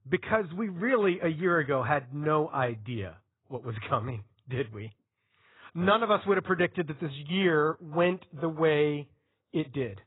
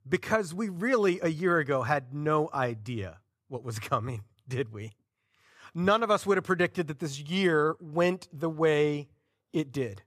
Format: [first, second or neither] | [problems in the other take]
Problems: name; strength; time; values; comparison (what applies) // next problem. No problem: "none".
second | garbled, watery; badly; nothing above 4 kHz